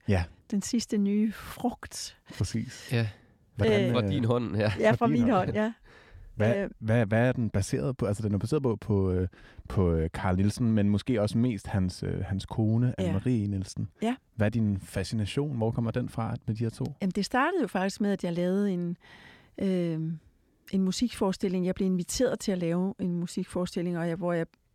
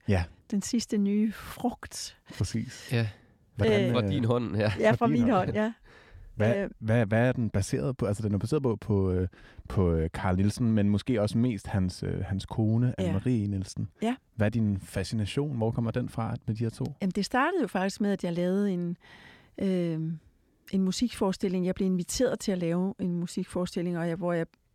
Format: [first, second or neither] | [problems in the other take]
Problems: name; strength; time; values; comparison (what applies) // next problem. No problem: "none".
neither | none